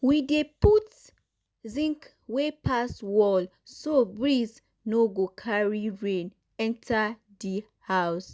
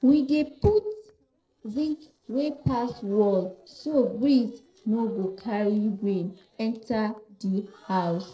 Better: first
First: none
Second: noise reduction (neural separator model SepFormer DNS4)

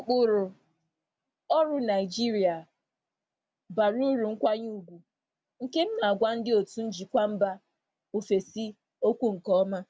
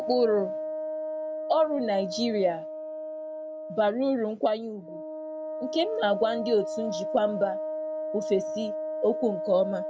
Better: first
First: none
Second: background sound (Wind instrument, woodwind instrument); 5 dB below the speech

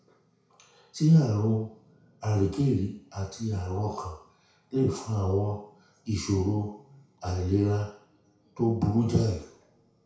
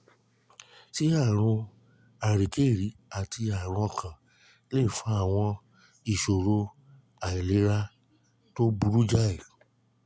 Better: second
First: room echo; dies away in 0.6 s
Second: none

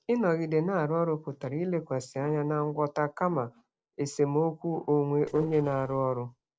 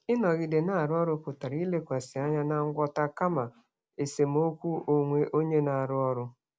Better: second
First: noise reduction (neural separator model SepFormer DNS4)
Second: none

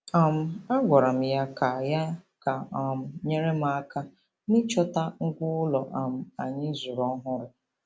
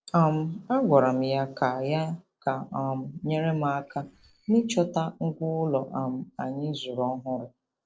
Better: first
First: none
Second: noise reduction (neural separator model SepFormer DNS4)

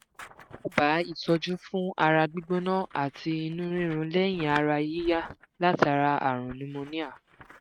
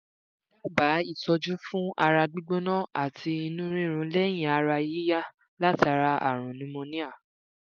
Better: second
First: noise reduction (neural mask model RNNoise)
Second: none

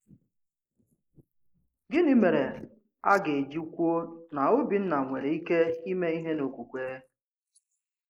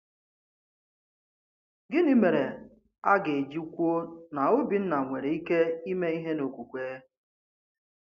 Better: second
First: noise reduction (neural mask model Resemble Enhance denoiser)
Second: none

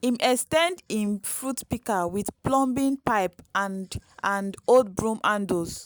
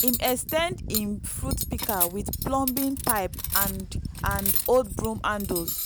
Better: first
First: none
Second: background sound (Cutlery, silverware); 1 dB below the speech

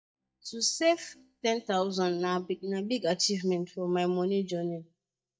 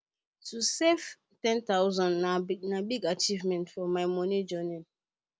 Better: second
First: noise reduction (neural mask model DeepFilterNet 3)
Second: none

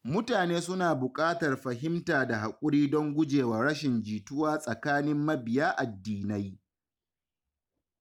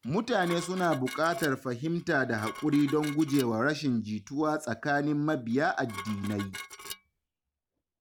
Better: first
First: none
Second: background sound (Dishes, pots, and pans); 15 dB below the speech

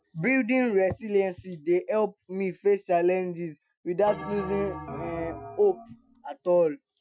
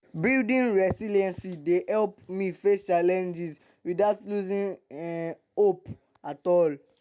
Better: second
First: noise reduction (classical method Wiener filter)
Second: none

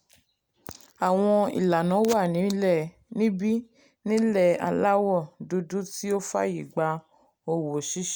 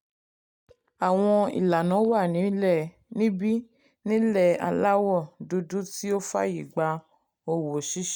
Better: first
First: none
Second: noise reduction (neural mask model DeepFilterNet 3)

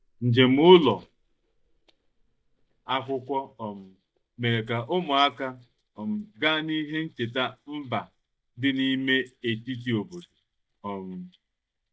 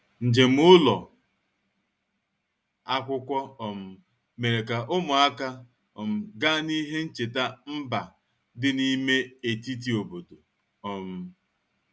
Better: second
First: noise reduction (neural mask model DeepFilterNet 3)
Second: none

